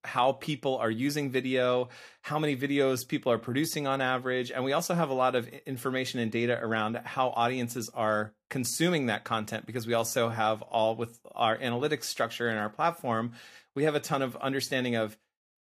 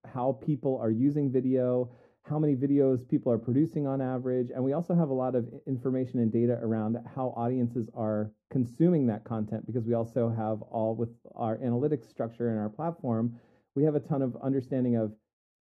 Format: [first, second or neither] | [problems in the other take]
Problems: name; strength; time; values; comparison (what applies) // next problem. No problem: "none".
first | muffled; very; fading above 1 kHz